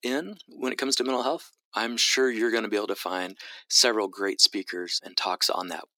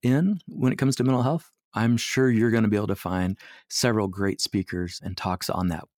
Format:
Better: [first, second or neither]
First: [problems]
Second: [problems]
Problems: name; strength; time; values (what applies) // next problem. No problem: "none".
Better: second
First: thin; somewhat; fading below 300 Hz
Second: none